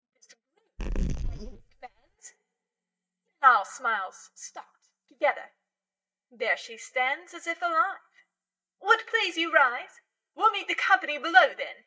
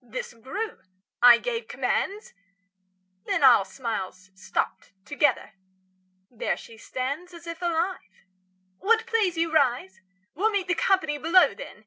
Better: second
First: noise reduction (neural mask model DeepFilterNet 3)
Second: none

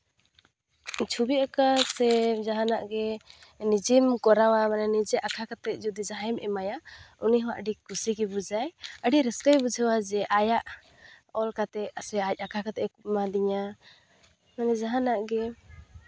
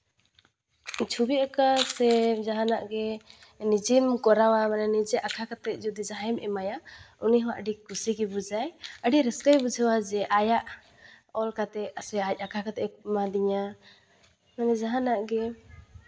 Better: first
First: none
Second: room echo; dies away in 0.5 s

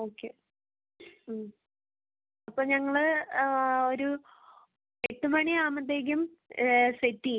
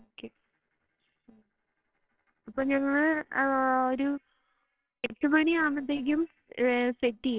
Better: first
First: none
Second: noise reduction (neural separator model SepFormer WHAMR!)

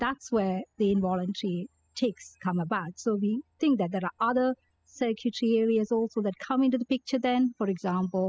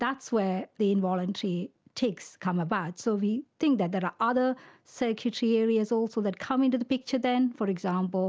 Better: second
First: noise reduction (classical method spectral subtraction)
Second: none

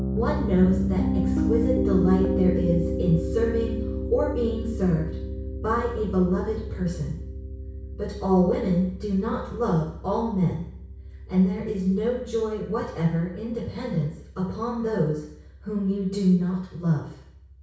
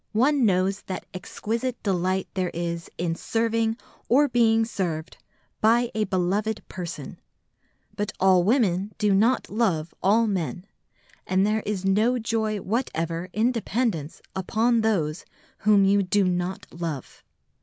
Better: second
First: background sound (Piano); 4 dB below the speech // room echo; dies away in 0.6 s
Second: none

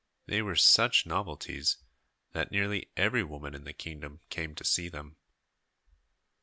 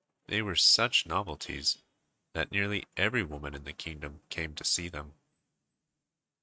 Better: first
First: none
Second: noise reduction (neural mask model RNNoise)

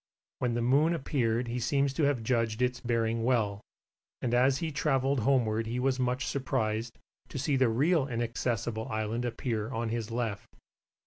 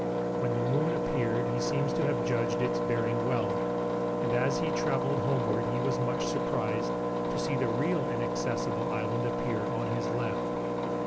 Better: first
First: none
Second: background sound (Engine); 4 dB above the speech

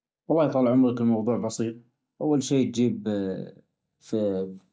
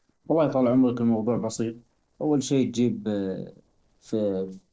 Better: first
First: none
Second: noise reduction (neural separator model SepFormer DNS4)

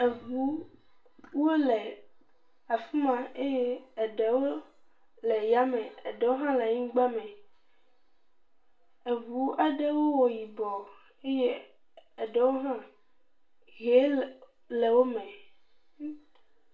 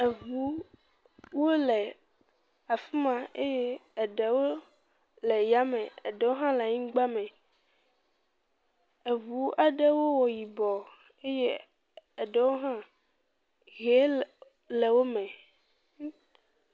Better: second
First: room echo; dies away in 0.3 s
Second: none

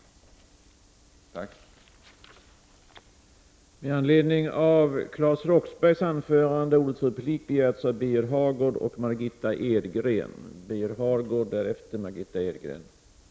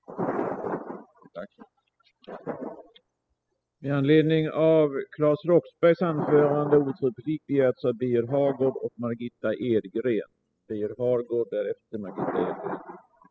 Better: first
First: none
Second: noise reduction (classical method spectral subtraction)

